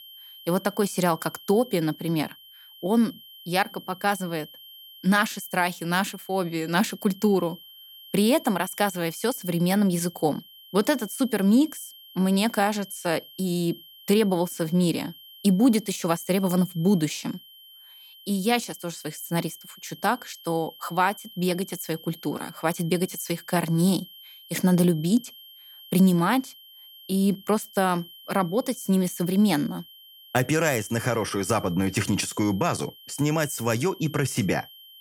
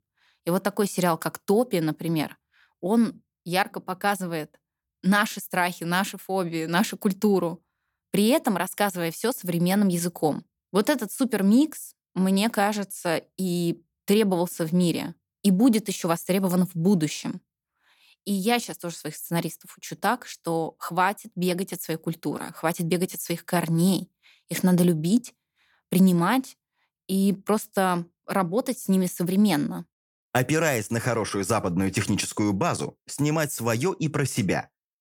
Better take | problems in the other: second | high-pitched whine; noticeable; throughout; 3 kHz, 20 dB below the speech

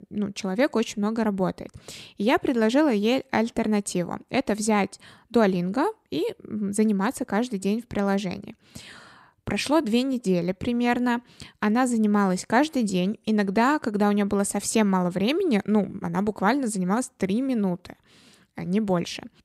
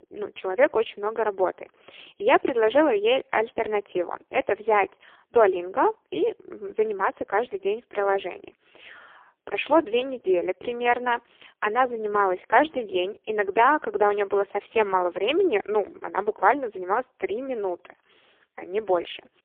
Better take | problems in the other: first | phone-call audio; poor line; nothing above 3.5 kHz

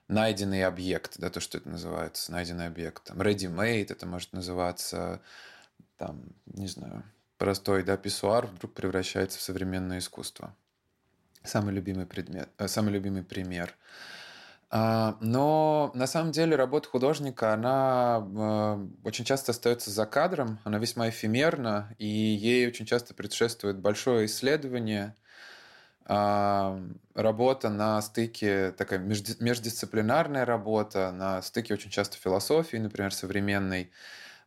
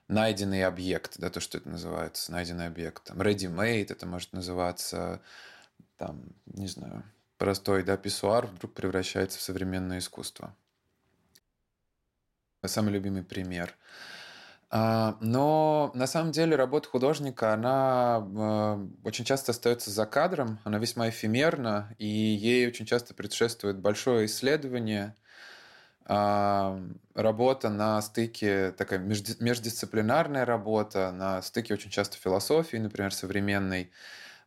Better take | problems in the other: first | audio cutting out; at 11 s for 1 s

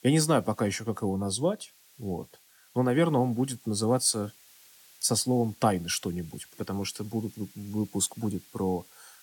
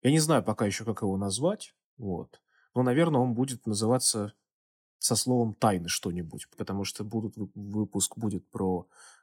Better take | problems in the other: second | hiss; faint; throughout; 25 dB below the speech

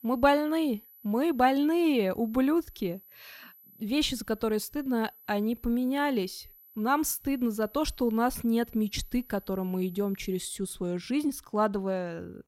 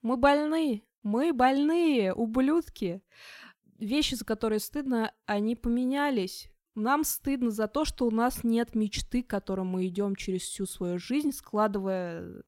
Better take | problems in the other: second | high-pitched whine; faint; until 11 s; 12 kHz, 25 dB below the speech

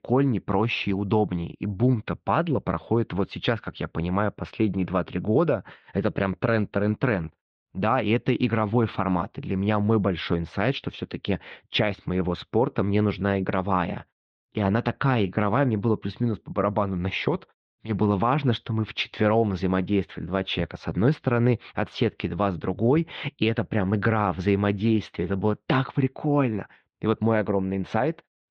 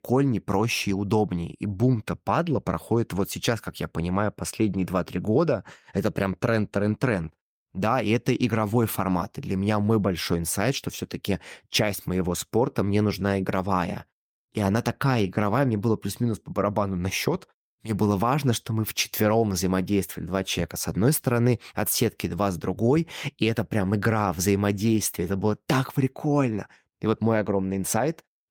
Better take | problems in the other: second | muffled; very; fading above 3.5 kHz

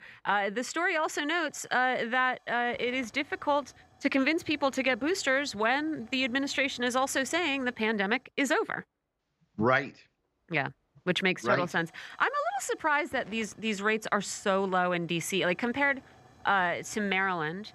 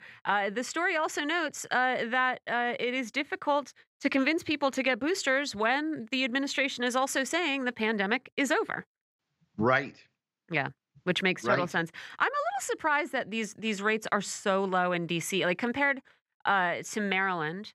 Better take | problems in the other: second | hiss; faint; throughout; 30 dB below the speech

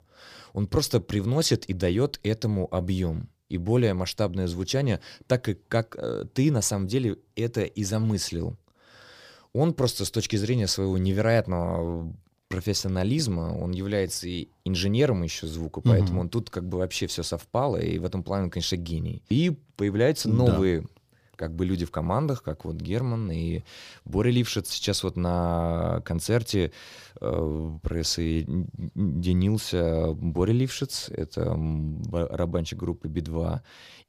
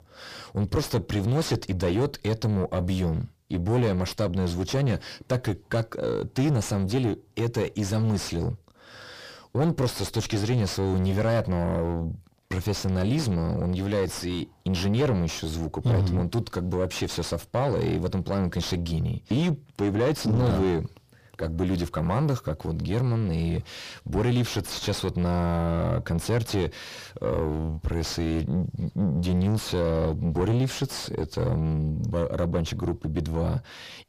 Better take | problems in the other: first | distortion; heavy; 6 dB below the speech

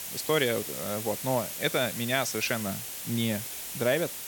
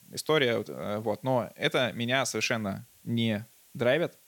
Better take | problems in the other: second | hiss; loud; throughout; 5 dB below the speech; faint in the second

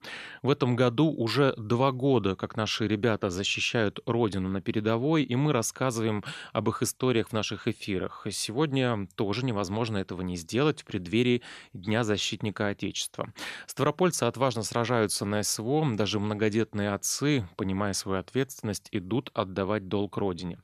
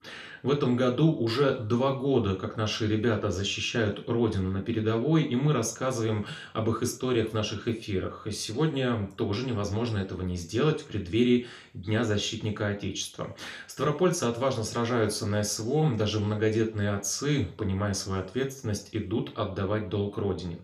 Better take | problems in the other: first | room echo; very slight; dies away in 0.3 s // off-mic speech; somewhat distant

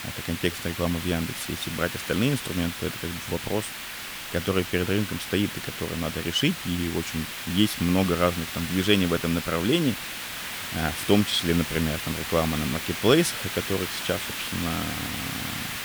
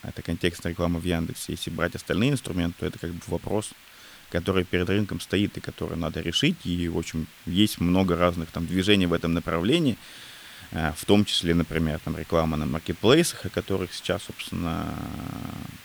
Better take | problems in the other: second | hiss; loud; throughout; 5 dB below the speech; faint in the second

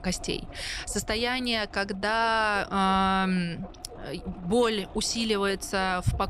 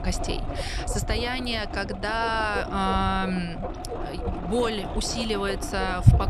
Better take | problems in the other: first | low rumble; loud; throughout; 8 dB below the speech; faint in the first

